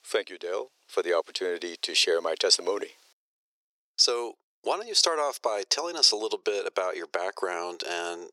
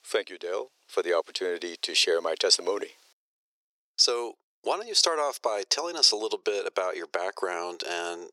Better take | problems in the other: neither | thin; very; fading below 400 Hz; the same in both

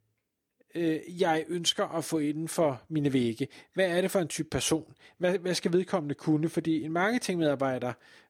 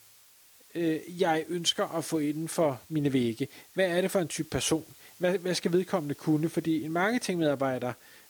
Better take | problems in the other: first | hiss; faint; throughout; 25 dB below the speech

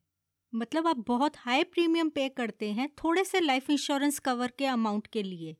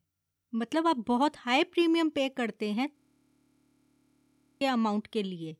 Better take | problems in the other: first | audio freezing; at 3 s for 1.5 s

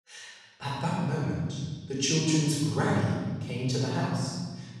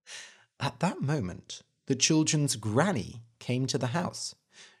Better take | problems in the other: second | off-mic speech; far // room echo; strong; dies away in 1.5 s

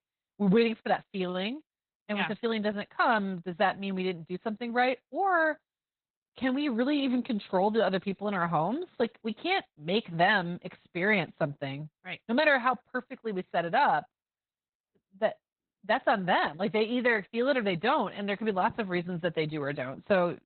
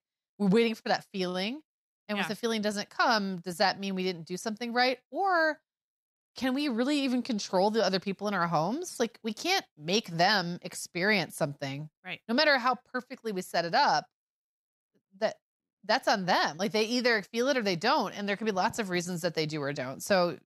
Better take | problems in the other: second | garbled, watery; badly; nothing above 4 kHz

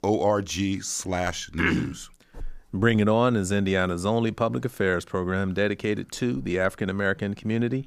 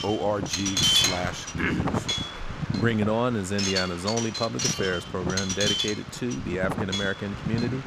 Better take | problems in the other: first | wind noise on the microphone; heavy; 3 dB above the speech

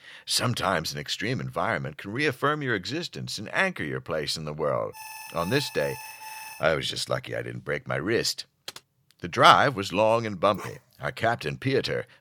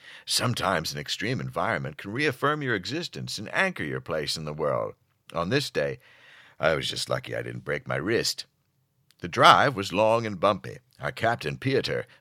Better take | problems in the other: second | alarm; faint; from 5 to 6.5 s; peak 15 dB below the speech // keyboard typing; faint; at 8.5 s; peak 15 dB below the speech // dog barking; faint; at 11 s; peak 15 dB below the speech

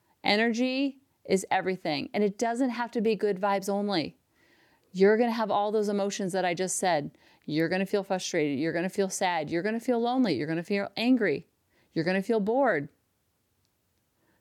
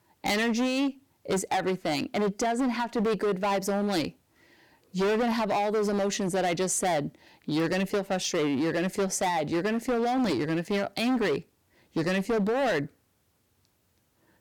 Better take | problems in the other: first | distortion; heavy; 18% of the sound clipped

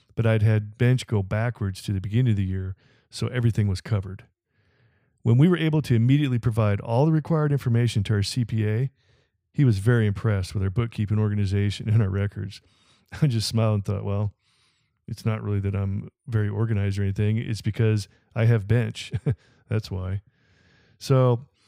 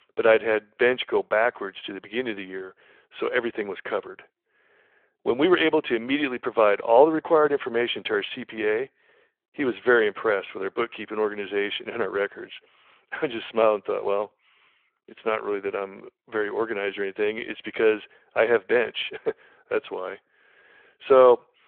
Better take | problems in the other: first | phone-call audio; nothing above 3.5 kHz

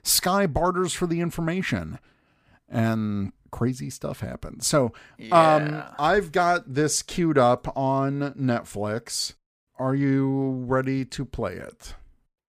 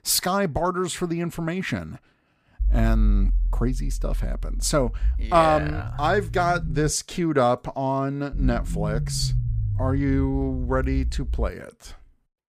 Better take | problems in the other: first | low rumble; noticeable; from 2.5 to 7 s and from 8.5 to 11 s; 20 dB below the speech

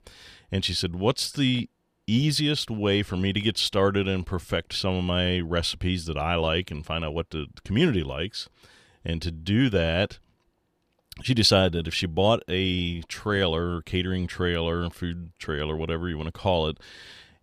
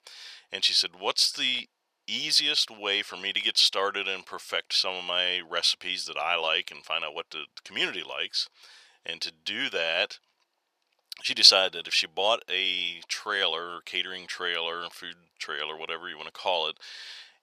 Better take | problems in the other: first | thin; very; fading below 800 Hz

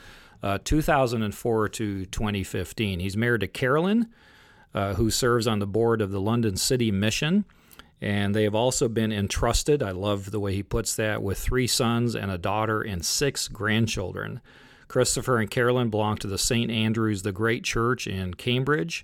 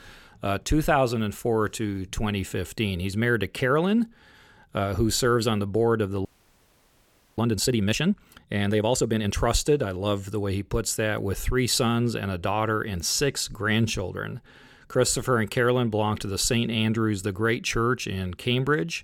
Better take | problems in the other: first | audio freezing; at 6.5 s for 1 s

